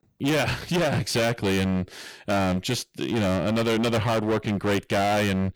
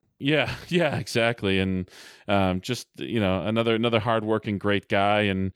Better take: second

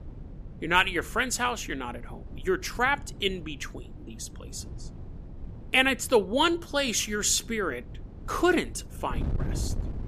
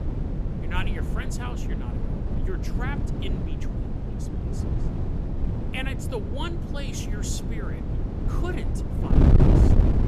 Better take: first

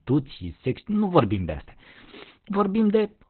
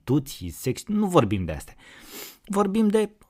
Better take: second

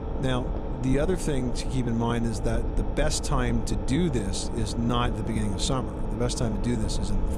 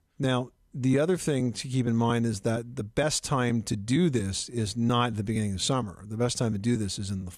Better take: second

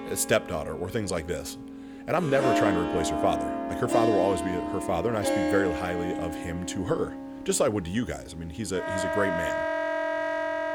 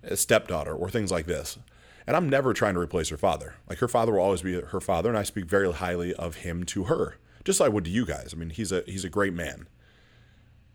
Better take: second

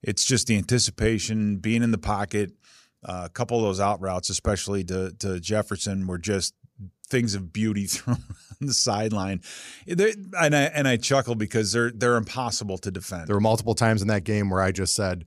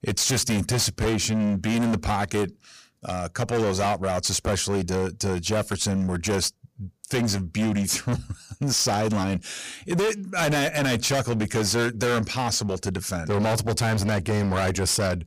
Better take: first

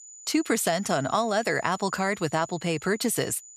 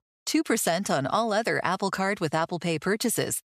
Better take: second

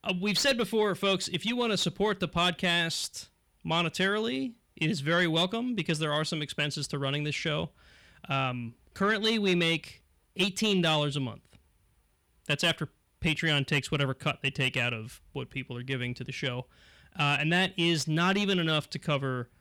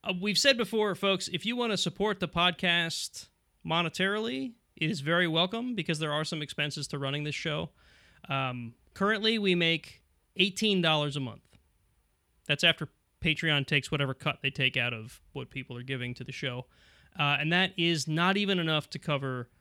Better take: second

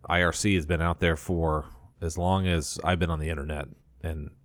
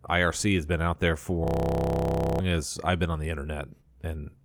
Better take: first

